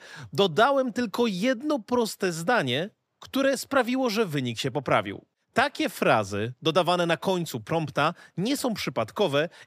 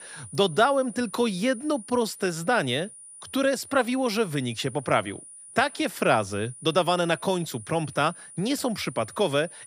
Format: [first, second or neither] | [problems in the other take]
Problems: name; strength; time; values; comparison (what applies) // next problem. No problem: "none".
first | high-pitched whine; noticeable; throughout; 9.5 kHz, 15 dB below the speech